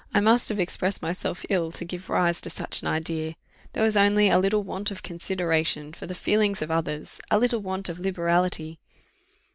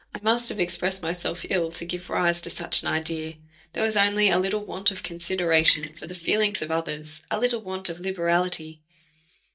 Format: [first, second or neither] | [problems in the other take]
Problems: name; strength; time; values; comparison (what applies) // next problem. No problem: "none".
first | noise reduction (neural mask model DeepFilterNet 3)